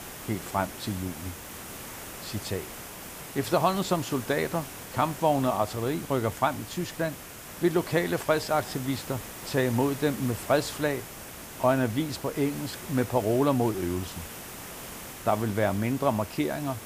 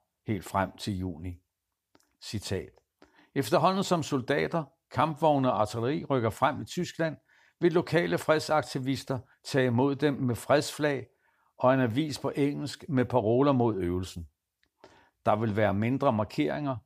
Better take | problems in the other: second | hiss; noticeable; throughout; 10 dB below the speech

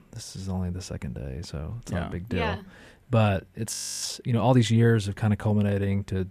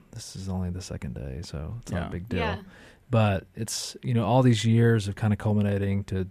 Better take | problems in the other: second | audio freezing; at 3.5 s

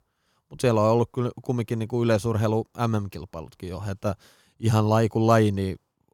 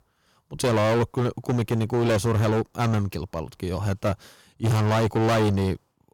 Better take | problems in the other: first | distortion; heavy; 20% of the sound clipped

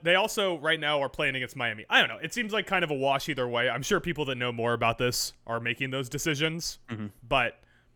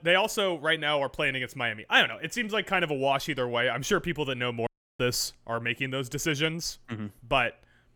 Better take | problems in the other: first | audio cutting out; at 4.5 s

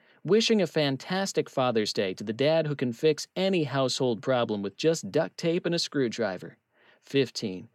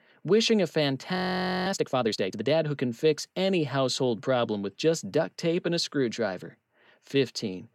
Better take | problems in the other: first | audio freezing; at 1 s for 0.5 s

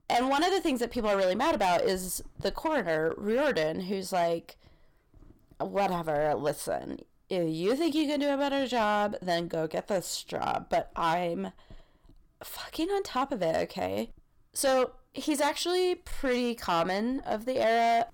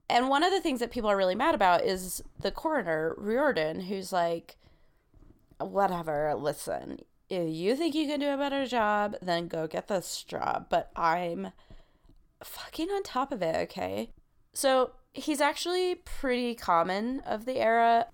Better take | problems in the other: second | distortion; slight; 7% of the sound clipped

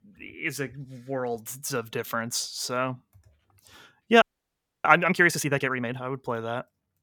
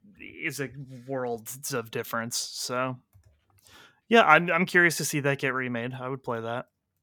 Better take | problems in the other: second | audio freezing; at 4 s for 0.5 s

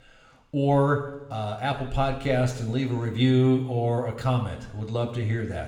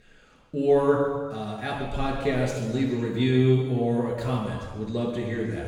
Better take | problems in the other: first | room echo; strong; dies away in 1.3 s; slight in the first // off-mic speech; far

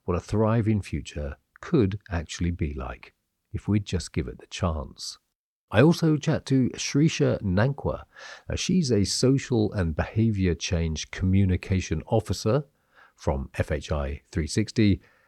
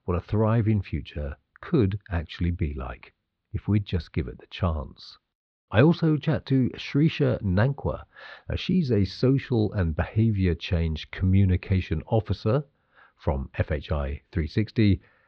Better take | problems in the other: first | muffled; slightly; fading above 4 kHz

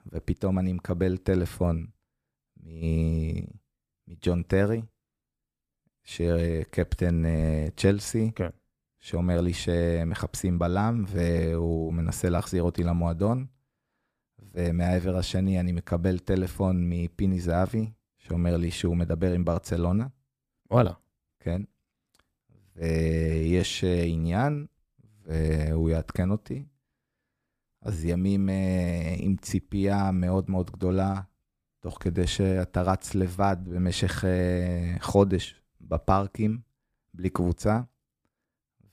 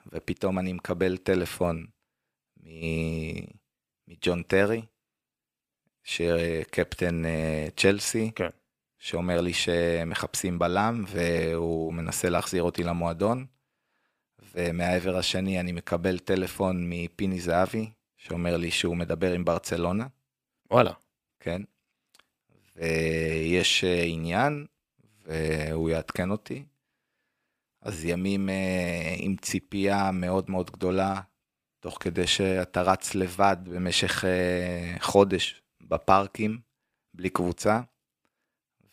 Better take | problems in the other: first | thin; somewhat; fading below 900 Hz

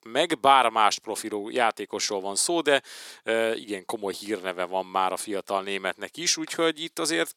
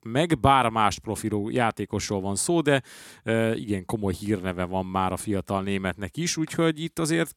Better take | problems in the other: second | thin; somewhat; fading below 500 Hz

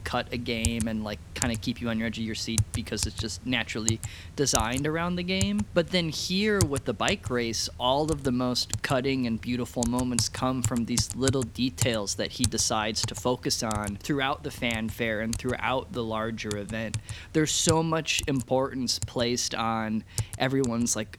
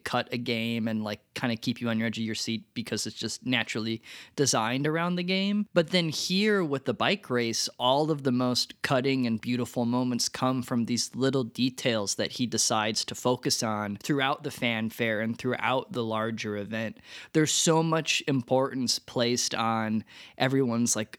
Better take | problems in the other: second | household noises; loud; throughout; 6 dB below the speech

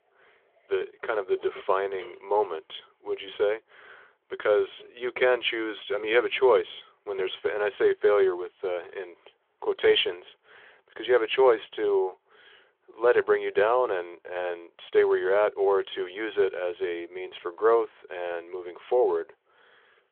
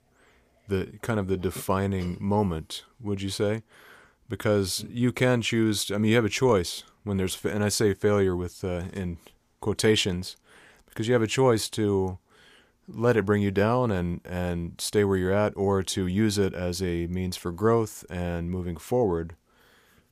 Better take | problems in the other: second | phone-call audio; nothing above 3.5 kHz

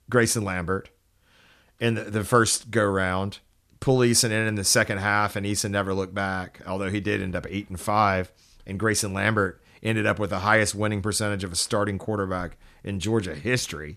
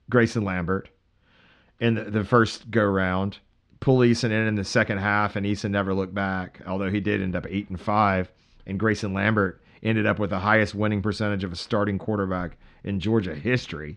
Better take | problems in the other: first | muffled; slightly; fading above 4 kHz

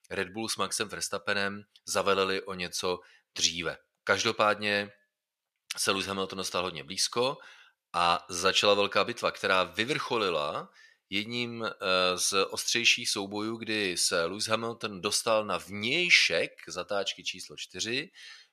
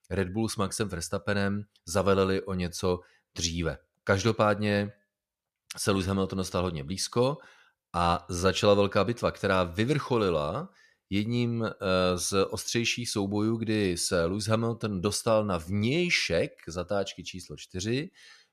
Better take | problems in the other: second | thin; somewhat; fading below 700 Hz

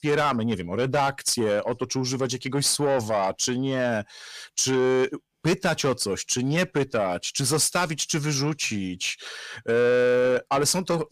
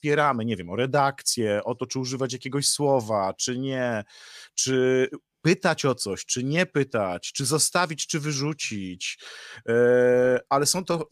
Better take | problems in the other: second | distortion; slight; 10 dB below the speech

